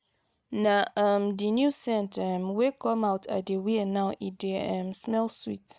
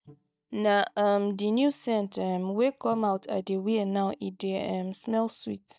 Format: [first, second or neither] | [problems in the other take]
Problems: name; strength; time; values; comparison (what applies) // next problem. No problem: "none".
first | noise reduction (neural mask model DeepFilterNet 3)